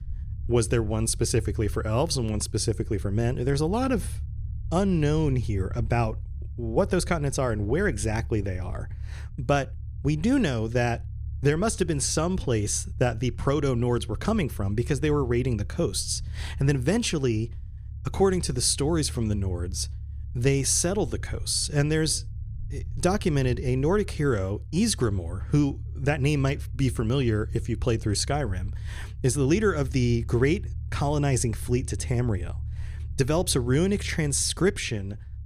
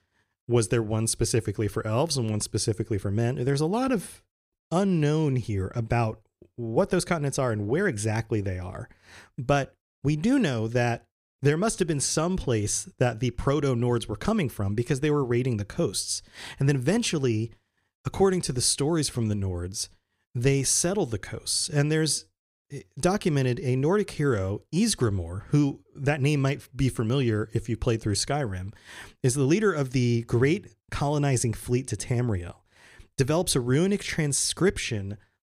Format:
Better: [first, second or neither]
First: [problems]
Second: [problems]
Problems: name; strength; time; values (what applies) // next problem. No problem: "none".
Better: second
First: low rumble; faint; throughout; 25 dB below the speech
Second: none